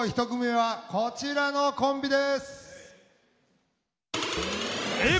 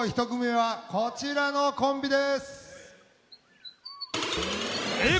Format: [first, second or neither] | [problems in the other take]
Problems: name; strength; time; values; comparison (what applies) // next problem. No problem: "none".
first | background sound (Bird); 18 dB below the speech